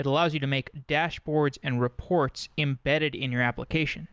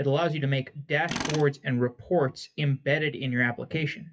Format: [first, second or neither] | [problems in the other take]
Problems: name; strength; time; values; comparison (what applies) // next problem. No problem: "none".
first | noise reduction (classical method WPE with log-MMSE)